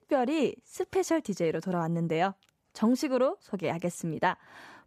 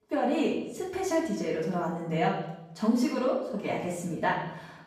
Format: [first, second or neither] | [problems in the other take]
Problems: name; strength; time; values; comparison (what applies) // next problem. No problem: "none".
first | off-mic speech; far // room echo; noticeable; dies away in 0.8 s